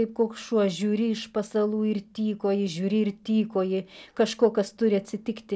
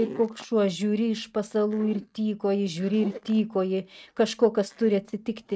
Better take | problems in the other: first | noise reduction (neural mask model RNNoise)

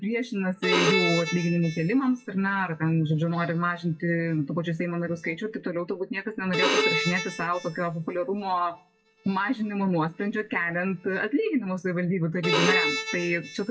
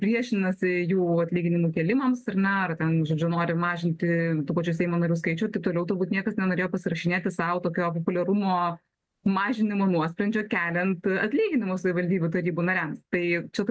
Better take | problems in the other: second | noise reduction (classical method WPE with log-MMSE)

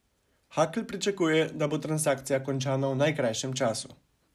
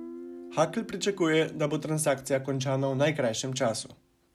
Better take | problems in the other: first | background sound (Guitar); 19 dB below the speech

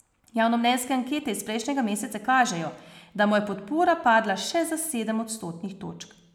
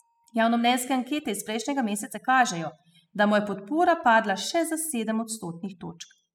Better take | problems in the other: first | noise reduction (classical method spectral subtraction)

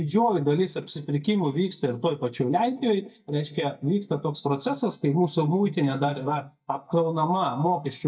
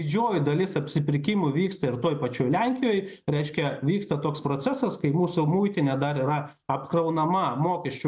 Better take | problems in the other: second | noise reduction (neural mask model DeepFilterNet 3)

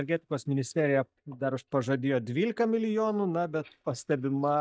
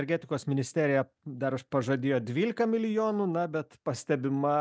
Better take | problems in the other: second | noise reduction (neural mask model DeepFilterNet 3)

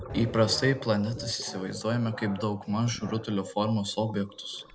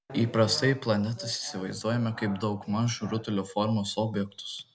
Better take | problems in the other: second | background sound (Gurgling); 16 dB below the speech

